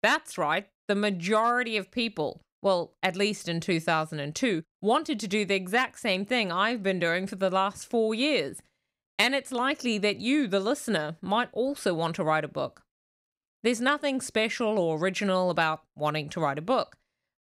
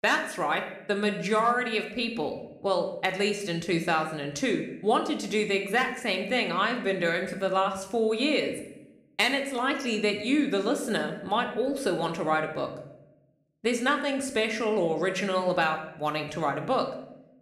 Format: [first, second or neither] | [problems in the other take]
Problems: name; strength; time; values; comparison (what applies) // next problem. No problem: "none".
first | room echo; slight; dies away in 0.7 s